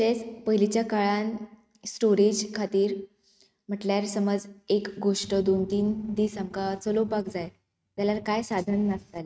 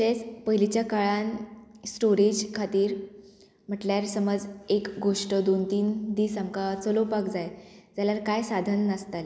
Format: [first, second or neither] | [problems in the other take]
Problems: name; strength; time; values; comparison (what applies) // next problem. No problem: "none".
second | noise reduction (neural mask model RNNoise)